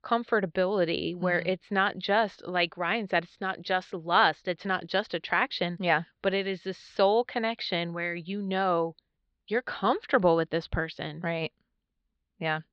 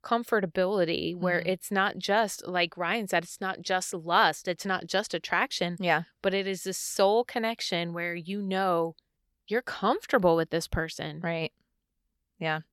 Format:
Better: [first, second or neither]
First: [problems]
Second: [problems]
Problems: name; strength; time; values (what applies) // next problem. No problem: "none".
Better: second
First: muffled; very slightly; fading above 4 kHz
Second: none